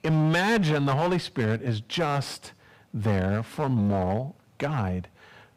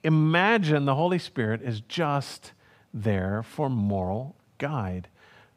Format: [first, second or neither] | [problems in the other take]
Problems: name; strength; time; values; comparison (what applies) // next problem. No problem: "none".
second | distortion; heavy; 10% of the sound clipped